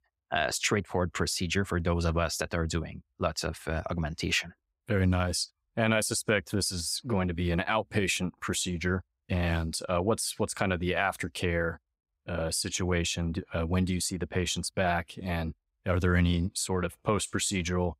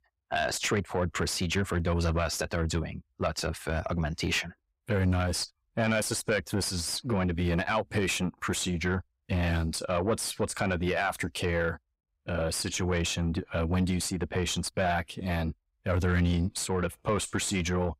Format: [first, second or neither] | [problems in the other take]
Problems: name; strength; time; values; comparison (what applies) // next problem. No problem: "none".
first | distortion; slight; 10 dB below the speech